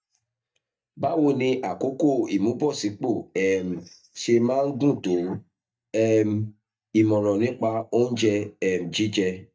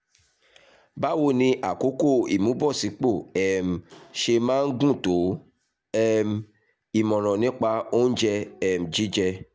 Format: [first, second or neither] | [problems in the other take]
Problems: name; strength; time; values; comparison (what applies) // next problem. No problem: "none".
second | noise reduction (neural mask model DeepFilterNet 3)